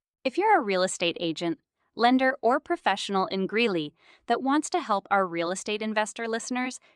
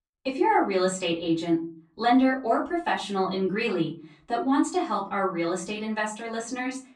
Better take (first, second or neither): first